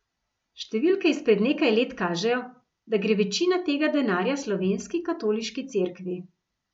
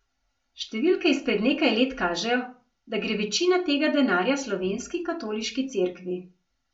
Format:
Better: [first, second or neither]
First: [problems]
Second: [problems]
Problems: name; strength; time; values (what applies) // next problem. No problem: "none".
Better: first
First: none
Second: room echo; dies away in 0.3 s